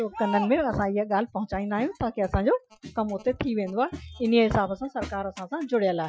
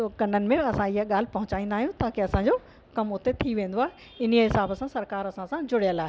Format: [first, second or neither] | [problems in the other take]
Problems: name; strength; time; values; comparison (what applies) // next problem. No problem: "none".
second | noise reduction (classical method Wiener filter)